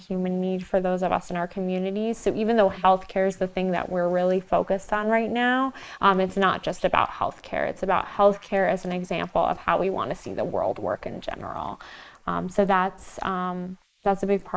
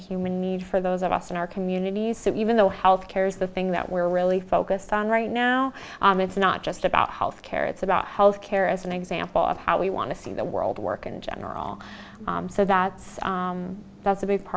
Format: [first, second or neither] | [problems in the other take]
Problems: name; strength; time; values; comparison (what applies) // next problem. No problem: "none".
second | noise reduction (neural mask model Resemble Enhance denoiser)